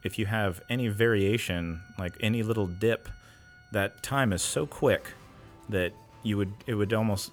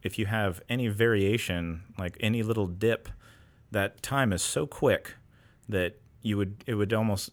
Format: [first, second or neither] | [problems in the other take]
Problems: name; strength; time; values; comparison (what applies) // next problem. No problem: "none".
second | background music; faint; throughout; 25 dB below the speech